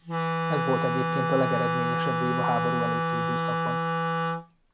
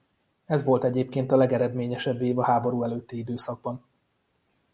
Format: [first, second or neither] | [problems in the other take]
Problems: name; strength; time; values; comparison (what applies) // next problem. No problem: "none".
second | background sound (Wind instrument, woodwind instrument); 4 dB above the speech